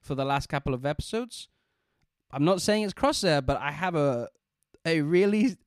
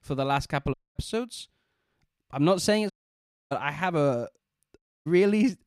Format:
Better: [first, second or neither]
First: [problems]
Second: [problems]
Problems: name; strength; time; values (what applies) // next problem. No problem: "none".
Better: first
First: none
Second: audio cutting out; at 0.5 s, at 3 s for 0.5 s and at 5 s